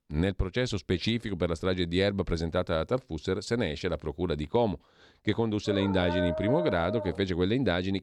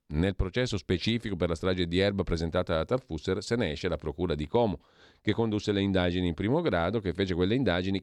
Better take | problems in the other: second | dog barking; noticeable; from 5.5 to 7 s; peak 2 dB below the speech

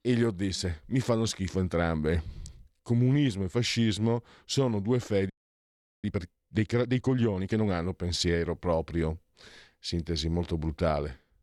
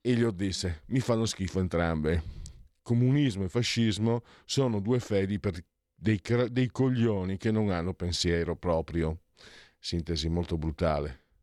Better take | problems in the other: second | audio freezing; at 5.5 s for 0.5 s

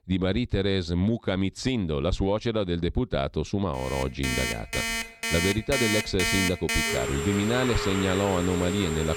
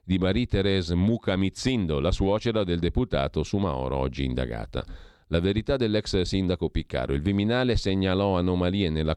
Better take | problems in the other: second | alarms or sirens; loud; from 4 s on; 1 dB below the speech

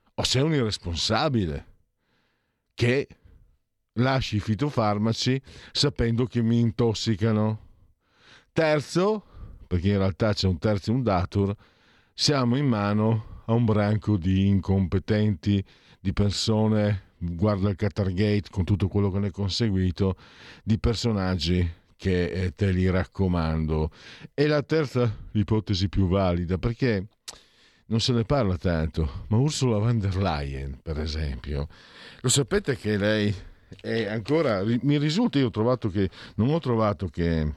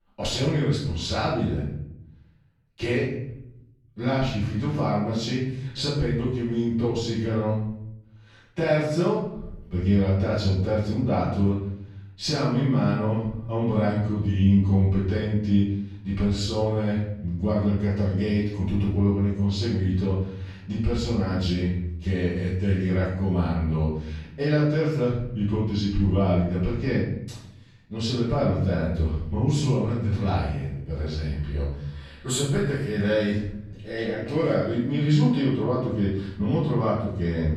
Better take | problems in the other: first | room echo; noticeable; dies away in 0.8 s // off-mic speech; far

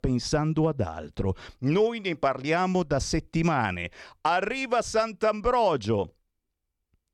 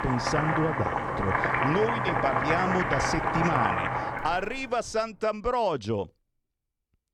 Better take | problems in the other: first | household noises; very faint; until 4 s; 2 dB above the speech

